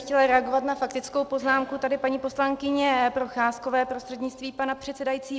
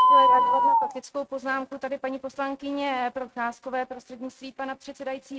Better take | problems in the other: first | noise reduction (neural mask model RNNoise)

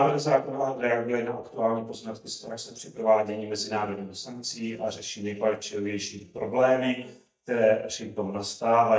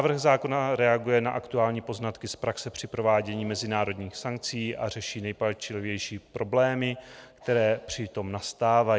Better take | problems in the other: second | noise reduction (neural mask model DeepFilterNet 3)

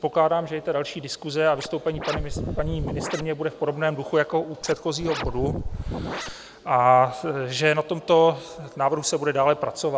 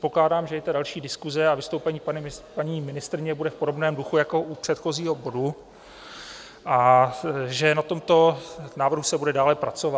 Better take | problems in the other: second | background sound (Scratching (performance technique)); 6 dB below the speech

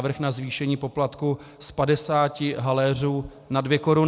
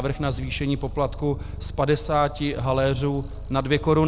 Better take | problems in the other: first | background sound (Purr); 10 dB below the speech

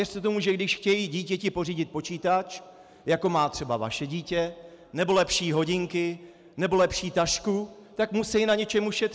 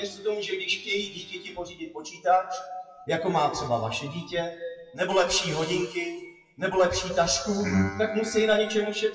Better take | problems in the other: first | noise reduction (classical method WPE with log-MMSE)

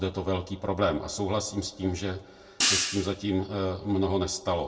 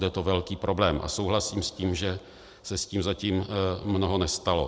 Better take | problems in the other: second | background sound (Hi-hat); 2 dB below the speech // room echo; dies away in 0.2 s

